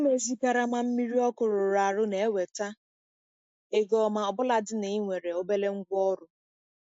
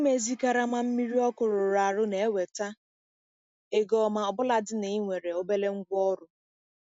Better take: second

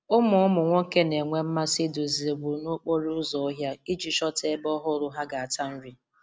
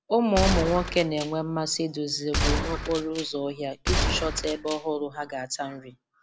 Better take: first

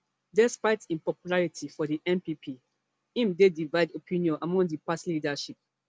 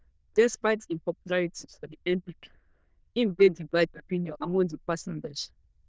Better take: first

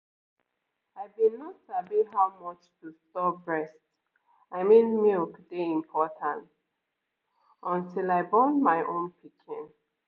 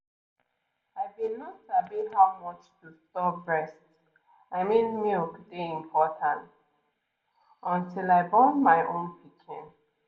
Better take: first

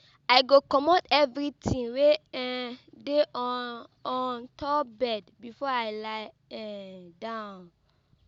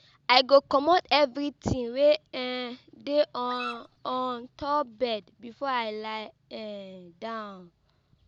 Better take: first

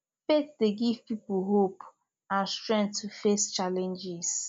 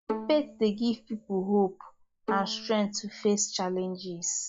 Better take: first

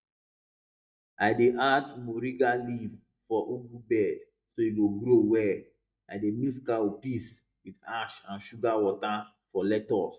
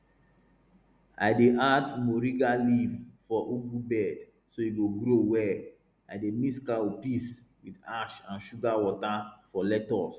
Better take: second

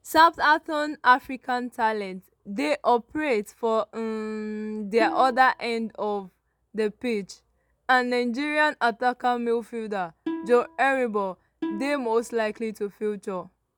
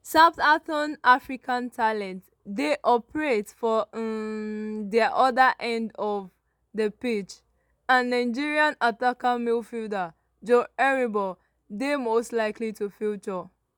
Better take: second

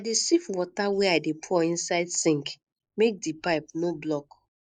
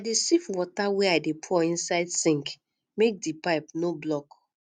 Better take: second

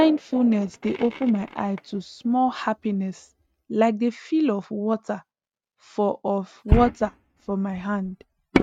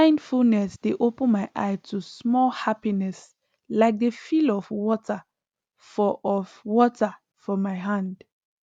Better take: second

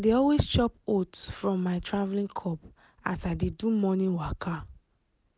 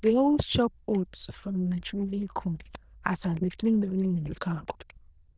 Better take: first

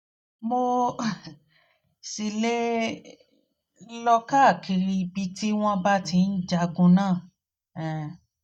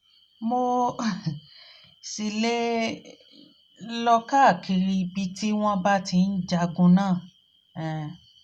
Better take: second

